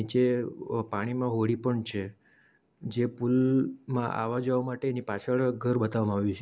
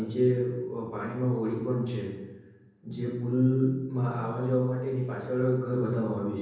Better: first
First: none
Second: room echo; dies away in 1.1 s

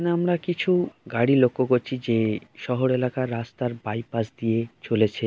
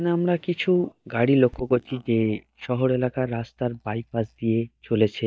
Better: first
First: none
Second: noise reduction (neural mask model DeepFilterNet 3)

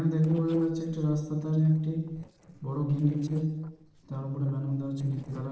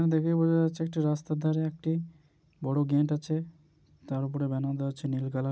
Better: second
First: noise reduction (neural separator model SepFormer DNS4)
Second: none

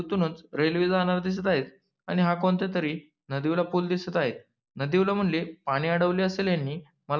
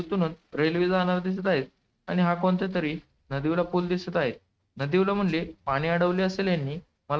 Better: first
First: none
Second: noise reduction (neural mask model RNNoise)

